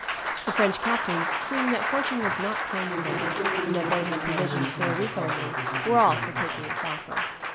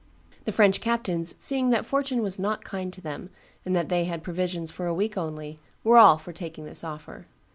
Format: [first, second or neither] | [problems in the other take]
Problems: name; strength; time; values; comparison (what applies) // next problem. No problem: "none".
second | background sound (Applause); 1 dB above the speech